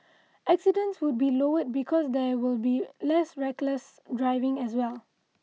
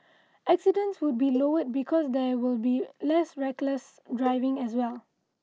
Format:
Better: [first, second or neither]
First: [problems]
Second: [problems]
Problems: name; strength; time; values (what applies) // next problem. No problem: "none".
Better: first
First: none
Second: noise reduction (neural mask model Resemble Enhance denoiser)